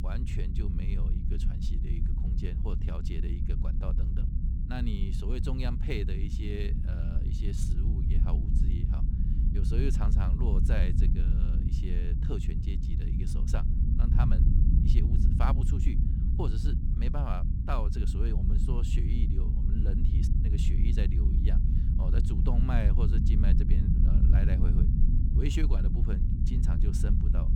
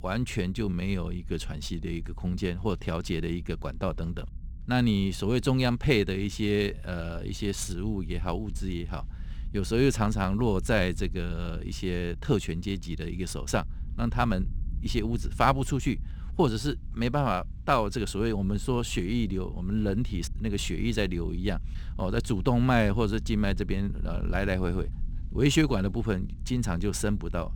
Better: second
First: low rumble; loud; throughout; 1 dB below the speech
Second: low rumble; faint; throughout; 25 dB below the speech

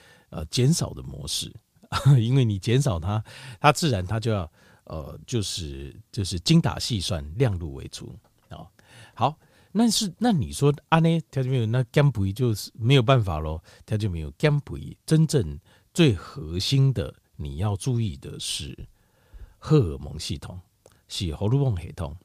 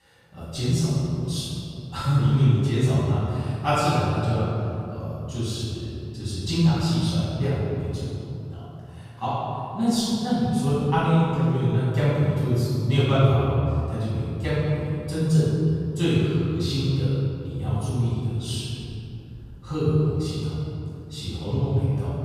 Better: first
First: none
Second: off-mic speech; far // room echo; strong; dies away in 2.7 s

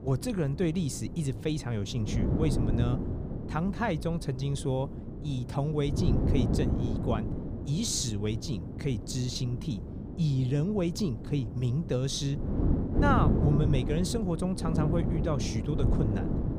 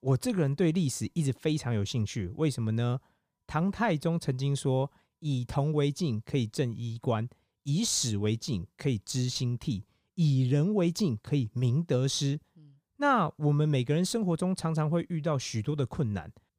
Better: second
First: wind noise on the microphone; heavy; 5 dB below the speech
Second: none

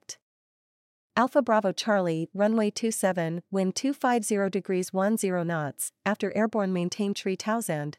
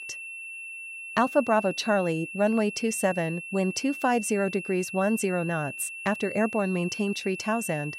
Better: first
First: none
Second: high-pitched whine; loud; throughout; 2.5 kHz, 9 dB below the speech

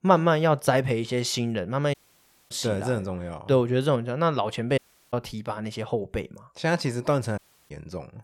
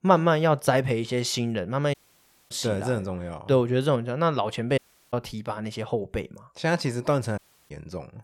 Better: neither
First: audio cutting out; at 2 s for 0.5 s, at 5 s and at 7.5 s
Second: audio cutting out; at 2 s for 0.5 s, at 5 s and at 7.5 s

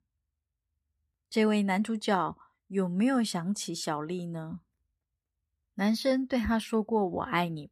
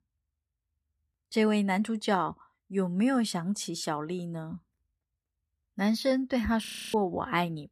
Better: first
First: none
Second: audio freezing; at 6.5 s

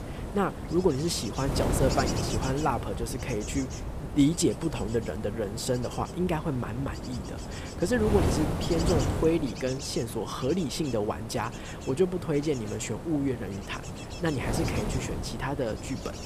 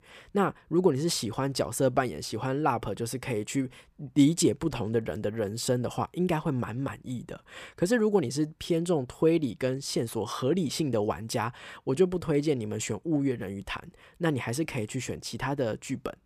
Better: second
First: wind noise on the microphone; heavy; 6 dB below the speech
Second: none

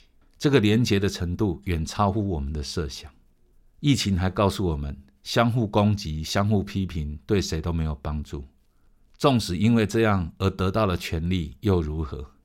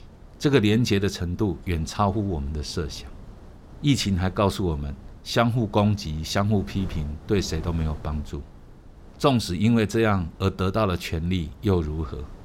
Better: first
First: none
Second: wind noise on the microphone; occasional gusts; 25 dB below the speech

